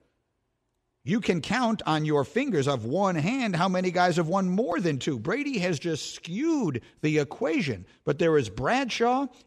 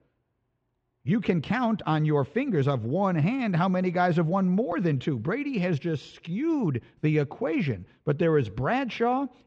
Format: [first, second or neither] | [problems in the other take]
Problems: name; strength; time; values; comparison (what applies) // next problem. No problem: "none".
first | muffled; slightly; fading above 2.5 kHz